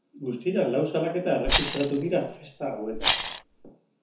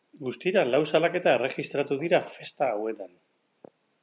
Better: second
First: background sound (Rattle); 1 dB below the speech // room echo; dies away in 0.7 s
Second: none

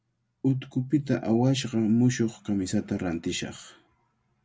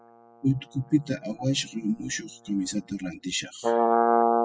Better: first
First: none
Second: noise reduction (classical method spectral subtraction)

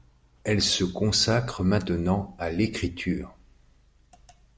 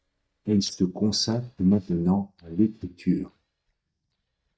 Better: first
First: none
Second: noise reduction (neural mask model DeepFilterNet 3)

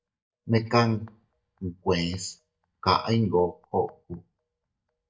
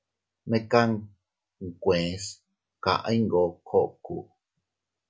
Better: second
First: noise reduction (neural mask model DeepFilterNet 3)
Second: none

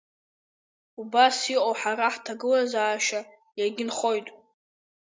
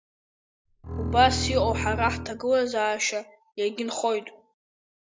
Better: first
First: none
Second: background sound (Bowed string instrument); 4 dB below the speech

